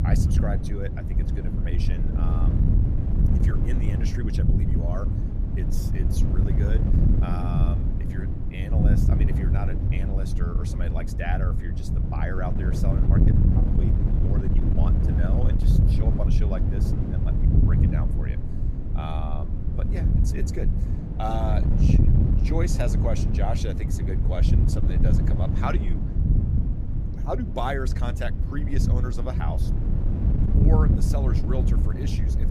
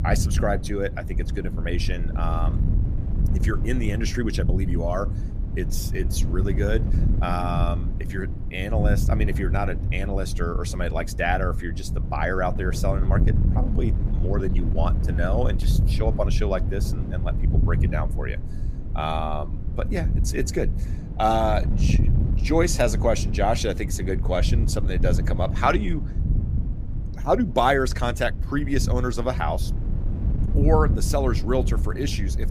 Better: second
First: wind noise on the microphone; heavy; 1 dB below the speech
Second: wind noise on the microphone; occasional gusts; 10 dB below the speech

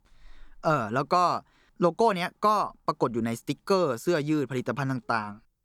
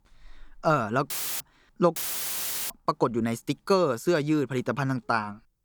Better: first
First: none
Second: audio cutting out; filled with static; at 1 s and at 2 s for 0.5 s

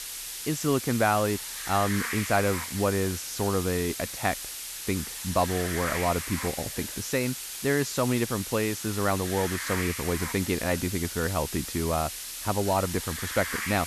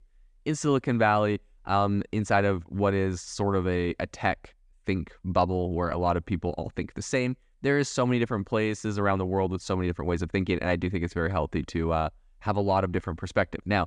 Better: second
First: hiss; loud; throughout; 5 dB below the speech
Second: none

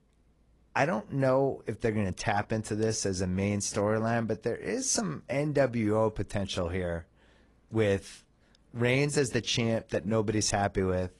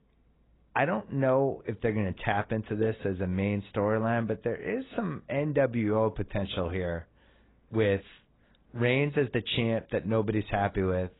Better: first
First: garbled, watery; slightly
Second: garbled, watery; badly; nothing above 4 kHz

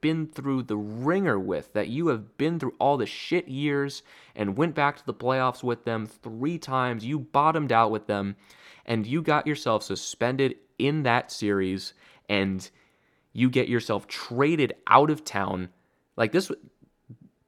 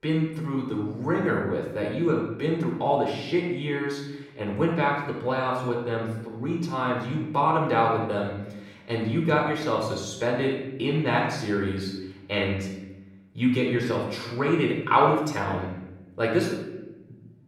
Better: first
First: none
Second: off-mic speech; far // room echo; noticeable; dies away in 0.9 s

